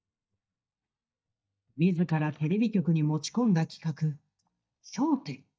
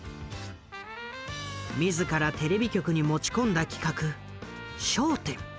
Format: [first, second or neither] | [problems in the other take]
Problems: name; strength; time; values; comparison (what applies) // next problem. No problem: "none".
second | noise reduction (neural mask model DeepFilterNet 3)